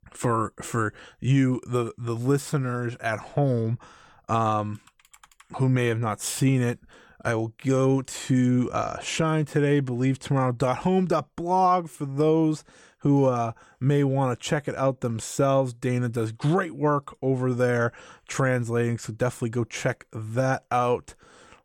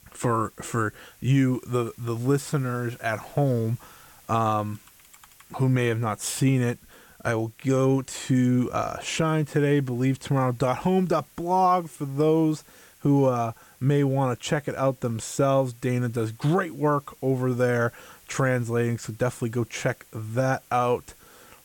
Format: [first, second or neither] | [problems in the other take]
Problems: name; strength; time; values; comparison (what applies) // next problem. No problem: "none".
first | hiss; faint; throughout; 25 dB below the speech